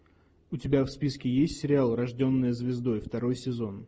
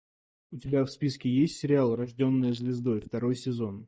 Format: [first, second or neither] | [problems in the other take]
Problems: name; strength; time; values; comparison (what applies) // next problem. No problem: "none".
first | noise reduction (neural mask model DeepFilterNet 3)